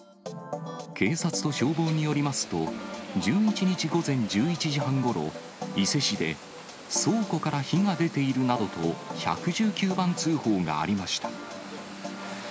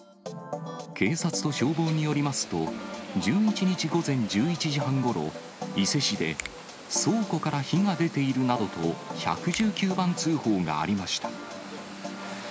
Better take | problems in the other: first | background sound (Finger snapping); 18 dB below the speech

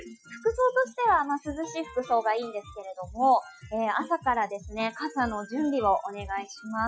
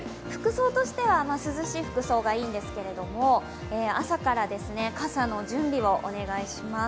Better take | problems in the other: second | noise reduction (classical method Wiener filter)

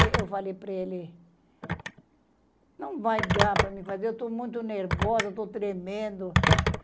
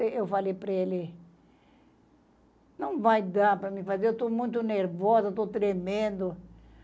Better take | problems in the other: second | background sound (Telephone); 2 dB above the speech

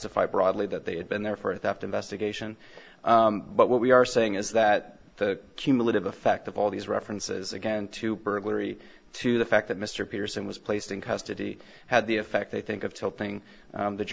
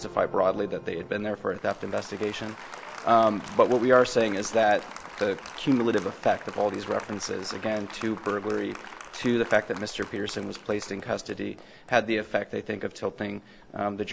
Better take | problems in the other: first | background sound (Applause); 16 dB below the speech

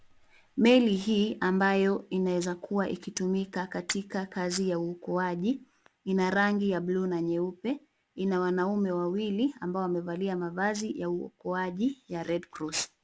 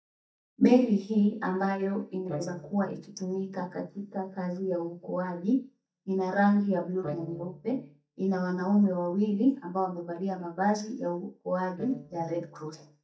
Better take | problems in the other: first | noise reduction (neural mask model DeepFilterNet 3)

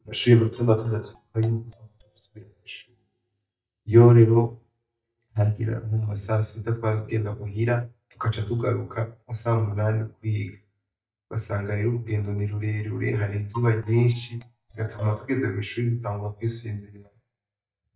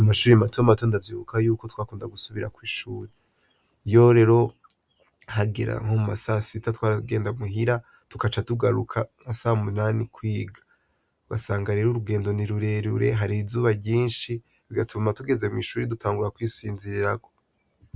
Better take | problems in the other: second | noise reduction (neural mask model DeepFilterNet 3)

